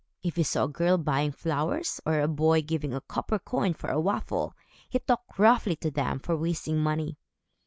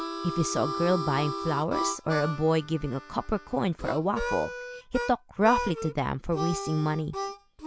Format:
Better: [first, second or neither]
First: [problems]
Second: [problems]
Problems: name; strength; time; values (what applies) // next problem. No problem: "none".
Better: first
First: none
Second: background sound (Harmonica); 6 dB below the speech